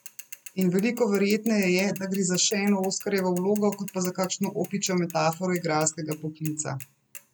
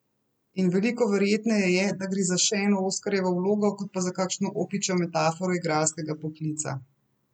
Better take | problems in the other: second | background sound (Mechanisms / Bicycle); 19 dB below the speech

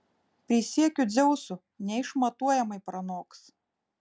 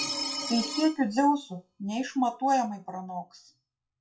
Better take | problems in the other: first | noise reduction (classical method WPE with log-MMSE)

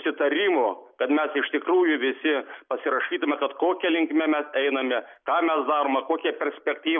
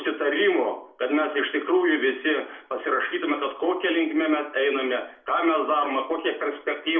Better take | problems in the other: first | room echo; dies away in 0.4 s

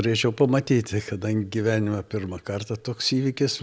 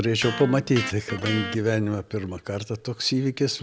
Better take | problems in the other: first | background sound (Electric guitar); 10 dB below the speech

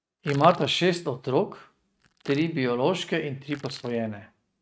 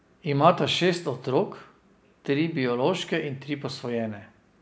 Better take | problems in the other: second | noise reduction (neural mask model RNNoise)

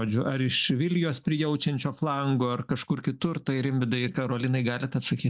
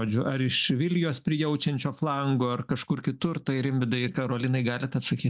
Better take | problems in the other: second | noise reduction (neural mask model Resemble Enhance denoiser)

